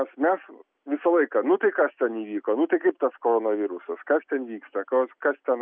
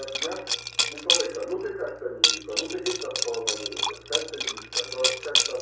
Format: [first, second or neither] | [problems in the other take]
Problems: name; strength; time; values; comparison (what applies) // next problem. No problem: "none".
first | background sound (Liquid); 5 dB above the speech // room echo; dies away in 0.6 s